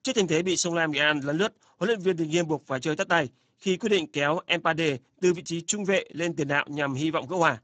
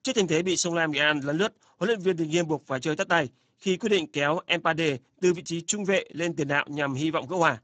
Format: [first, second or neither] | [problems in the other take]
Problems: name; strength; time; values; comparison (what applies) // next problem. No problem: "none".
neither | garbled, watery; badly; nothing above 7.5 kHz; the same in both